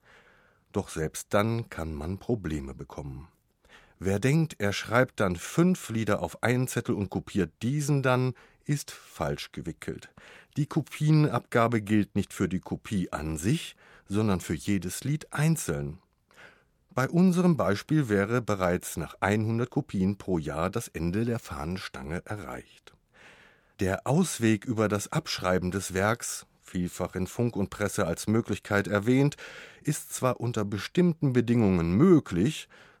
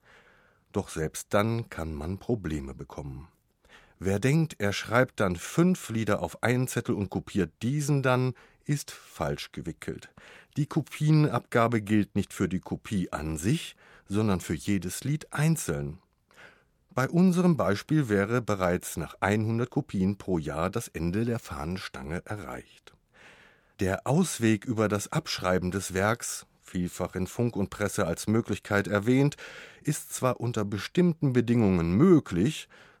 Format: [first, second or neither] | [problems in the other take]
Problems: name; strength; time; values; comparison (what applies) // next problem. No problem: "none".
neither | none